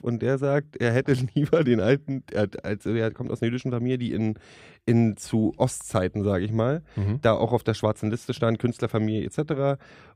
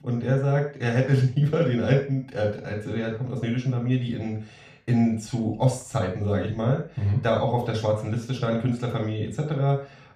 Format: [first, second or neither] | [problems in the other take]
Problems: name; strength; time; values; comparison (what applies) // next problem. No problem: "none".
first | room echo; noticeable; dies away in 0.4 s // off-mic speech; far